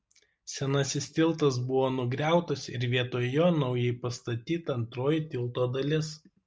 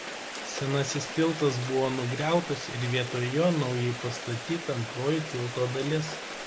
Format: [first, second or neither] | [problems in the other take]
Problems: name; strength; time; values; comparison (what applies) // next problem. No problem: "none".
first | background sound (Rain); 8 dB below the speech